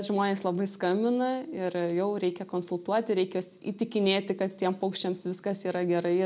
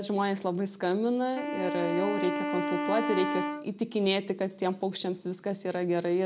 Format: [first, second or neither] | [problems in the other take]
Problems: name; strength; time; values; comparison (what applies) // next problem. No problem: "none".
first | background sound (Wind instrument, woodwind instrument); 3 dB below the speech